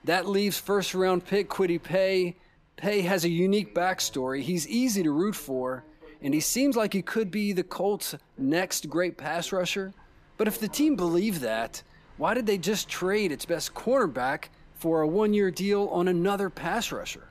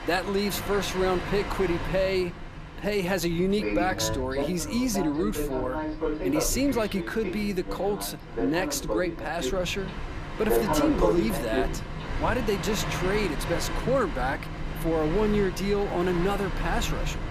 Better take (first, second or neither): first